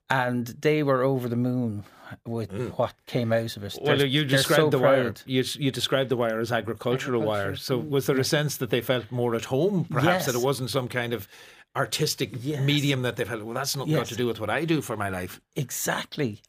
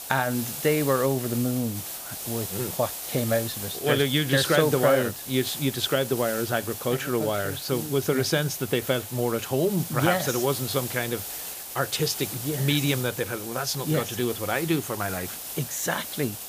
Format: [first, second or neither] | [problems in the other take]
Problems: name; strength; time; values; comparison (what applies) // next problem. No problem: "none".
first | hiss; loud; throughout; 7 dB below the speech